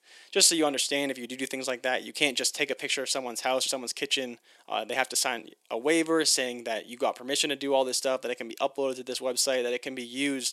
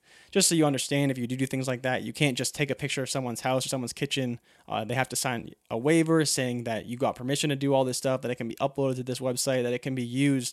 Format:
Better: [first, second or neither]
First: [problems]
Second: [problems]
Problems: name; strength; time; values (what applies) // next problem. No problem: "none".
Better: second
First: thin; somewhat; fading below 350 Hz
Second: none